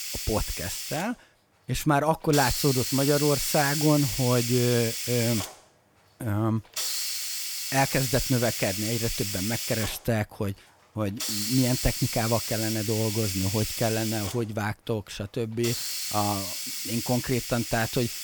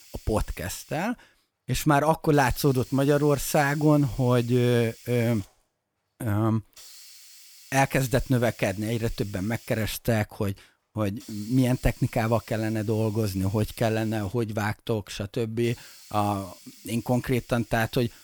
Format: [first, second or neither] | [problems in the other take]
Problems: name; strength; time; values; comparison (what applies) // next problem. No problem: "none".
second | hiss; loud; throughout; 2 dB below the speech; faint in the second